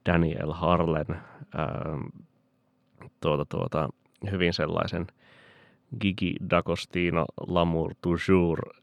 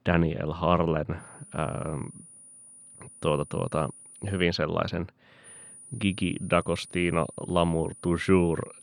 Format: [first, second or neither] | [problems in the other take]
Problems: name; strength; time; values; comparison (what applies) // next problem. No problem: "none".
first | high-pitched whine; noticeable; from 1 to 4.5 s and from 5.5 s on; 9.5 kHz, 20 dB below the speech